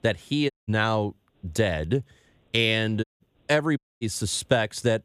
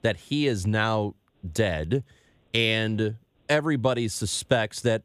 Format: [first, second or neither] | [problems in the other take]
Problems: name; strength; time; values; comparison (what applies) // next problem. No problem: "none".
second | audio cutting out; at 0.5 s, at 3 s and at 4 s